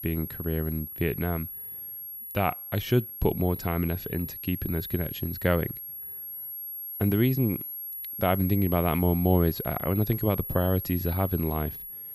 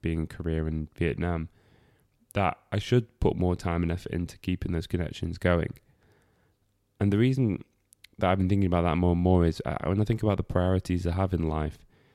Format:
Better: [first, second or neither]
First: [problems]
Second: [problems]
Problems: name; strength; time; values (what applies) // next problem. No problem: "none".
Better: second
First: high-pitched whine; loud; throughout; 11.5 kHz, 7 dB below the speech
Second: none